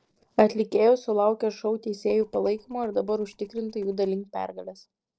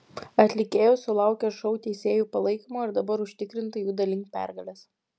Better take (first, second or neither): second